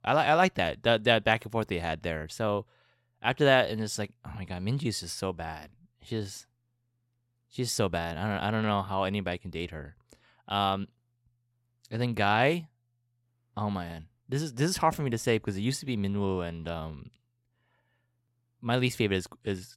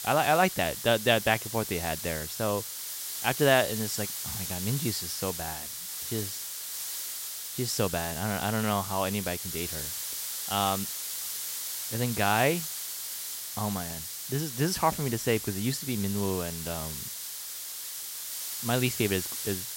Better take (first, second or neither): first